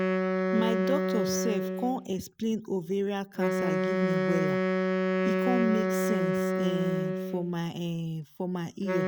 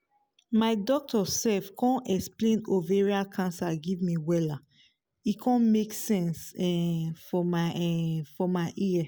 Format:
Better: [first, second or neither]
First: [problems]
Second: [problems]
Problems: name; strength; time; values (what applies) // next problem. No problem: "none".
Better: second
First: background sound (Wind instrument, woodwind instrument); 3 dB above the speech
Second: none